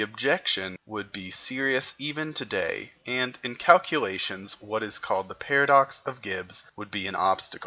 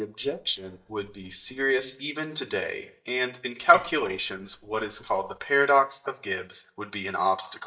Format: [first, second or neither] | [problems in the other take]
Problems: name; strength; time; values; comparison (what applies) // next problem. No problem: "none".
first | noise reduction (neural mask model DeepFilterNet 3)